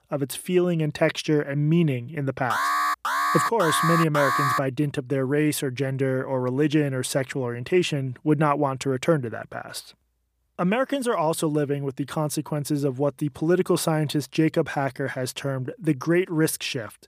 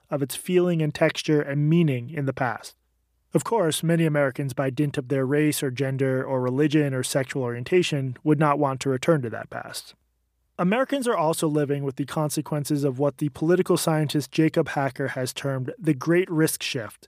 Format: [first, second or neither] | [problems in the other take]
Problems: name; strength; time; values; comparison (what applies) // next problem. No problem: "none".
second | alarm; loud; from 2.5 to 4.5 s; peak 2 dB above the speech